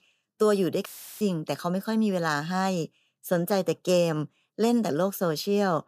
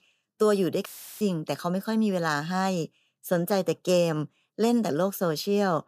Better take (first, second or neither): neither